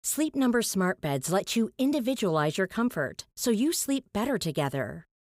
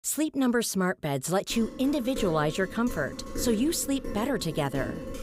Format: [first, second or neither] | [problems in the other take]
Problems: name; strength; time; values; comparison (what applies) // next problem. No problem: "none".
first | clattering dishes; noticeable; from 1.5 s on; peak 8 dB below the speech